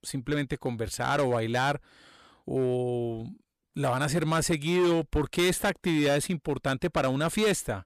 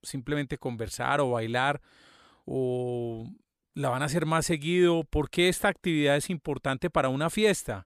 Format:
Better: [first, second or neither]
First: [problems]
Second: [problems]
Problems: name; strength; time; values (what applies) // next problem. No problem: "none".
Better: second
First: distortion; slight; 8% of the sound clipped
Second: none